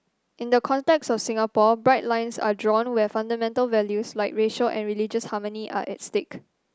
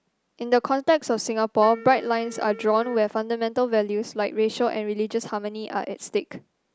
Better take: first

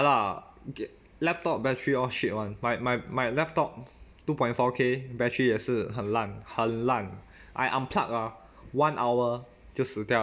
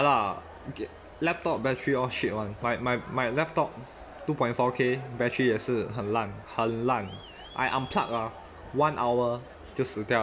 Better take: first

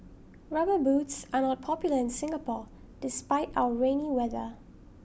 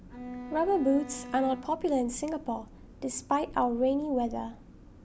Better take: first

